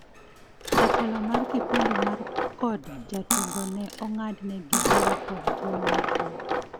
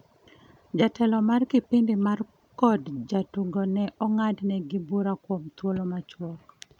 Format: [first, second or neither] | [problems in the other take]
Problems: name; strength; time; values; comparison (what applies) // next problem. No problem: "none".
second | background sound (Coin (dropping) + Cutlery, silverware); 5 dB above the speech